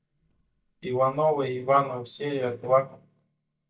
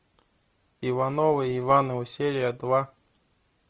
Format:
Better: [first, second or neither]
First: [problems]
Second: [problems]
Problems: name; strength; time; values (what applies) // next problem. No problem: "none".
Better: second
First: noise reduction (neural mask model DeepFilterNet 3)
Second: none